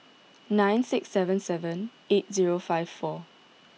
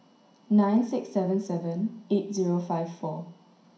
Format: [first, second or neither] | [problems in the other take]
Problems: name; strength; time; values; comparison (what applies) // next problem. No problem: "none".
first | room echo; dies away in 0.5 s